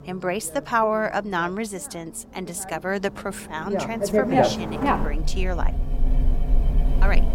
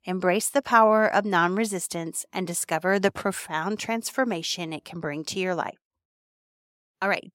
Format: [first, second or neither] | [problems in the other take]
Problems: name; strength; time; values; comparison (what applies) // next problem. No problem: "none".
second | traffic noise; very loud; throughout; 3 dB above the speech